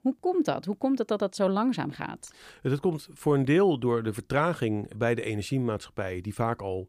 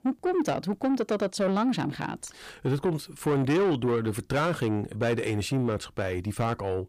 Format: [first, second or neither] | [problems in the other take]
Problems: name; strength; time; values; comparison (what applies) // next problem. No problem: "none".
first | distortion; slight; 10 dB below the speech